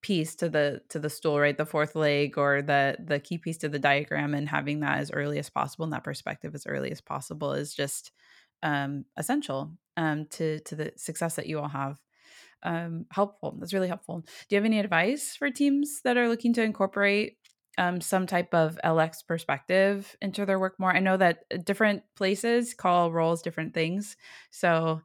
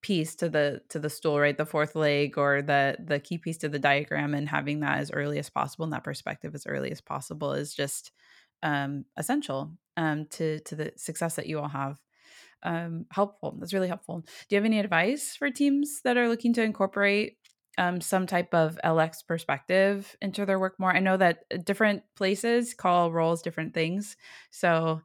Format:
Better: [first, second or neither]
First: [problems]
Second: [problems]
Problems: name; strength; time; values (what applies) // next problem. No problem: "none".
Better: neither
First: none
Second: none